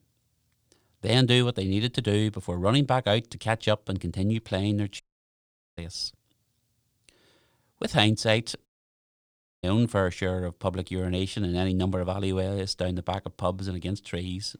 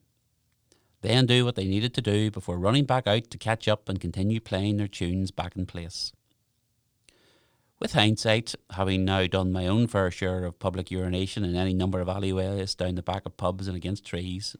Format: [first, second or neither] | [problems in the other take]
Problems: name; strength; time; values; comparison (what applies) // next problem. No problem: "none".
second | audio cutting out; at 5 s for 1 s and at 8.5 s for 1 s